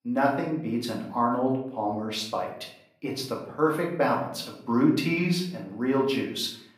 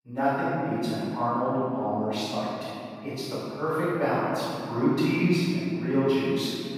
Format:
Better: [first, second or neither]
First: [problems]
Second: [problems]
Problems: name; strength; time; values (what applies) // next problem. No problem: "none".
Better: first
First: room echo; slight; dies away in 0.6 s // off-mic speech; far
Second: room echo; strong; dies away in 3 s // off-mic speech; far